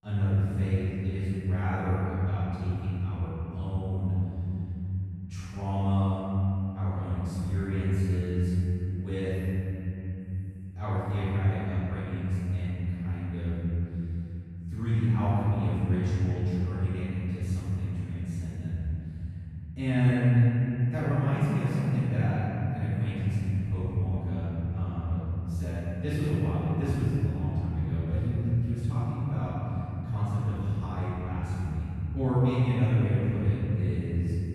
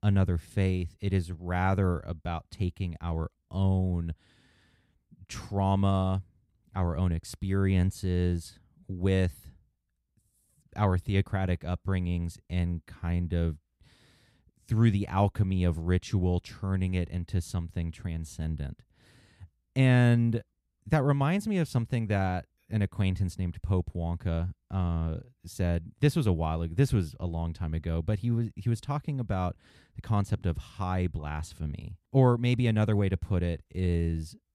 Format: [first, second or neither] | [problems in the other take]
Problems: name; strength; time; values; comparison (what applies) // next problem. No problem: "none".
second | room echo; strong; dies away in 3 s // off-mic speech; far